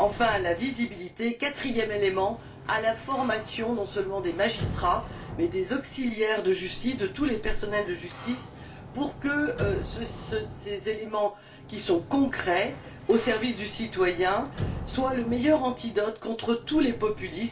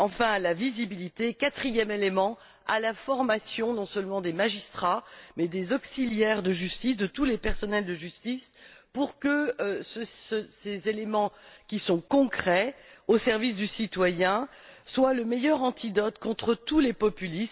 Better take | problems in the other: second | background sound (Sliding door); 12 dB below the speech // room echo; dies away in 0.3 s

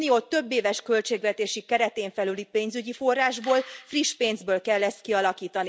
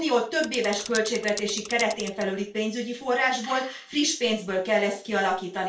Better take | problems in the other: first | background sound (Mechanisms / Bicycle); 13 dB below the speech // room echo; dies away in 0.3 s

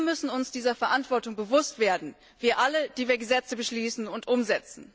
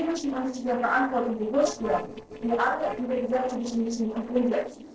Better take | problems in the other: first | noise reduction (neural separator model SepFormer DNS4)

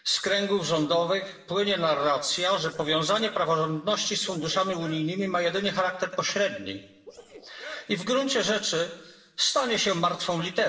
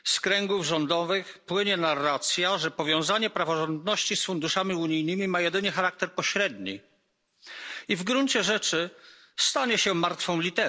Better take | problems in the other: second | noise reduction (neural separator model SepFormer DNS4)

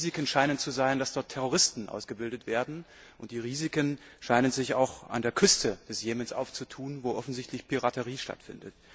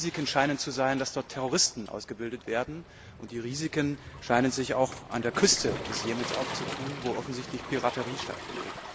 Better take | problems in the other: first | background sound (Waves, surf); 10 dB below the speech

